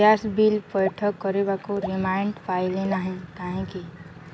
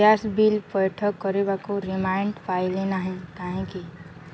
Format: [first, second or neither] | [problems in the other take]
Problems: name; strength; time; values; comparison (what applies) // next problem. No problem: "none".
second | background sound (Raindrop / Drip); 13 dB below the speech